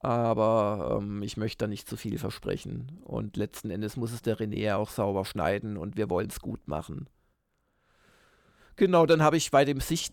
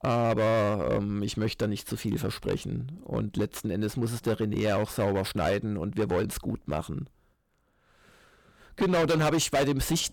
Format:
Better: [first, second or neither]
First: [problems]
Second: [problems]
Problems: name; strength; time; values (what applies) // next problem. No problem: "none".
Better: first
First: none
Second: distortion; heavy; 9% of the sound clipped